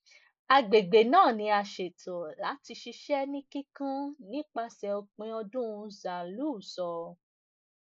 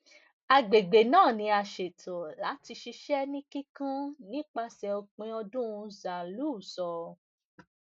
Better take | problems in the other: second | noise reduction (neural mask model Resemble Enhance denoiser)

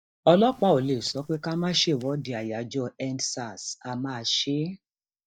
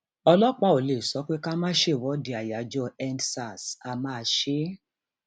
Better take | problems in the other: second | noise reduction (neural mask model DeepFilterNet 3)

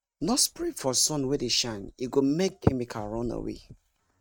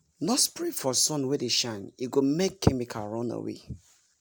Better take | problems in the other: second | noise reduction (neural mask model RNNoise)

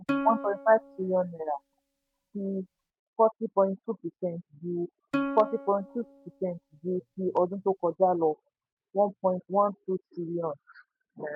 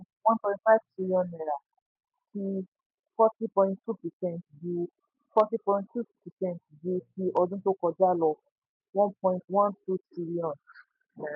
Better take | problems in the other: second | noise reduction (neural mask model RNNoise)

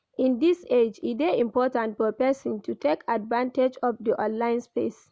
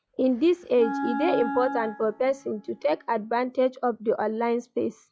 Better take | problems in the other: first | noise reduction (classical method log-MMSE)

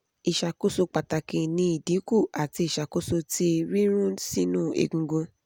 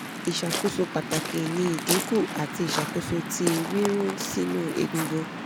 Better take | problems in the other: first | background sound (Waves, surf); 4 dB below the speech

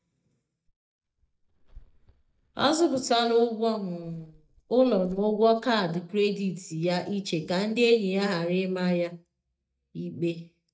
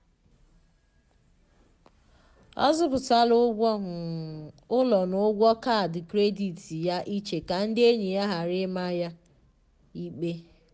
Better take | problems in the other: second | noise reduction (neural mask model DeepFilterNet 3)

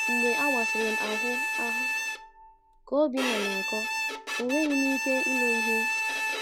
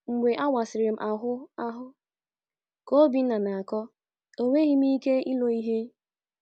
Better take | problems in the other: second | background sound (Bowed string instrument); 2 dB above the speech

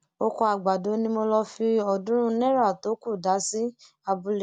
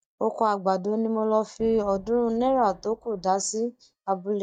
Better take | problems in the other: first | noise reduction (neural mask model DeepFilterNet 3)

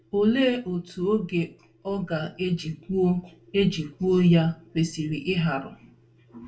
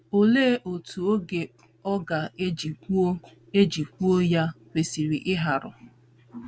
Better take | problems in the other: second | room echo; dies away in 0.2 s

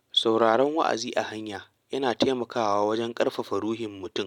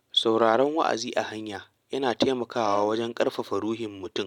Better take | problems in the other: first | background sound (Bowed string instrument); 18 dB below the speech

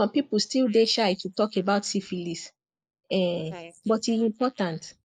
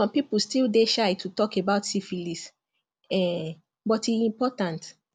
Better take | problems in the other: second | noise reduction (neural mask model Resemble Enhance denoiser)

